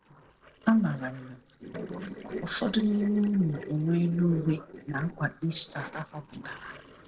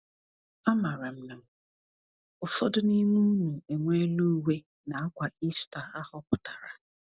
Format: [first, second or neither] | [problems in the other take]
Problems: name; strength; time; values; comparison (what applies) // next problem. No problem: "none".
second | noise reduction (neural separator model SepFormer DNS4)